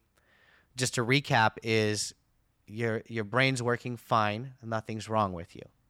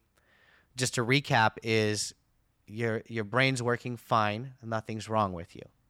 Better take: neither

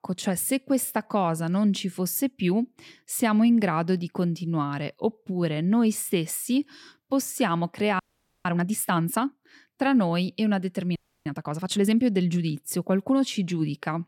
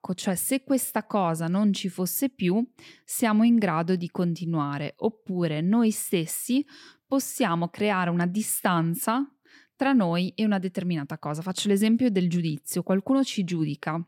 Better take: second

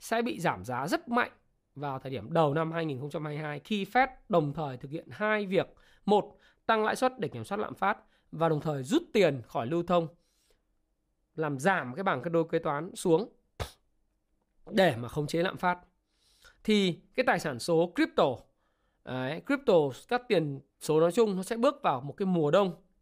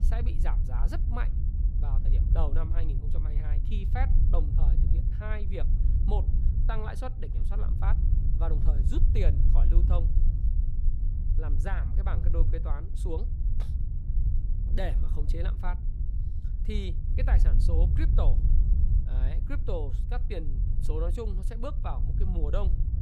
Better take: first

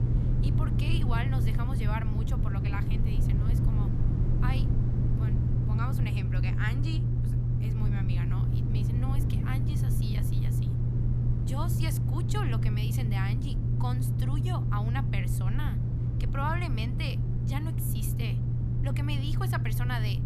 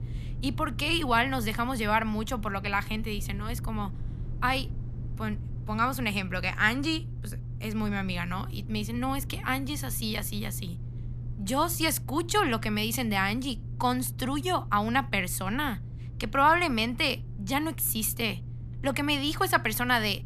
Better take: second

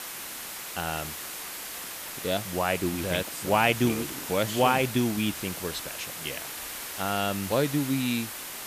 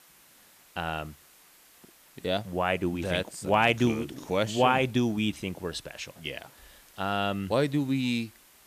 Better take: second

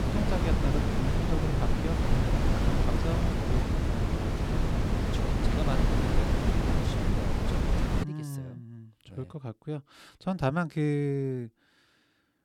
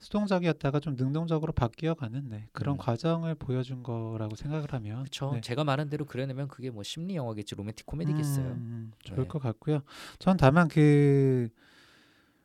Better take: second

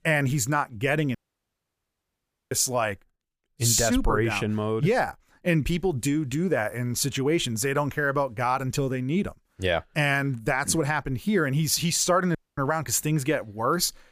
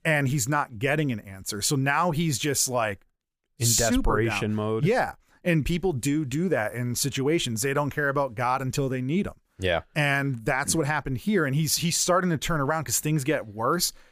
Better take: second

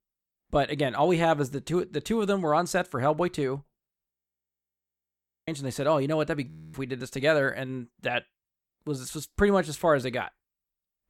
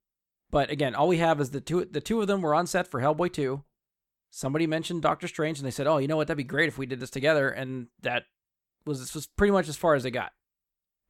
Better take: second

